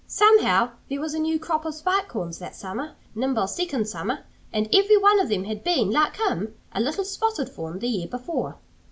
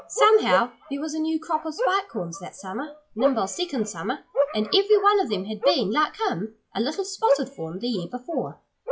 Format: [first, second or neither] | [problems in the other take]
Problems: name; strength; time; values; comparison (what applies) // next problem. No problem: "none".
first | noise reduction (classical method log-MMSE)